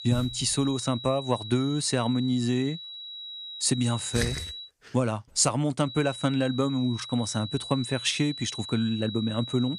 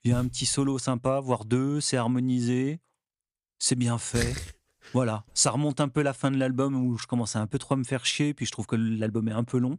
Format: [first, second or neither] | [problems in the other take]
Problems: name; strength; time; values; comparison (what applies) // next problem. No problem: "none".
second | high-pitched whine; noticeable; until 4.5 s and from 6 s on; 4 kHz, 10 dB below the speech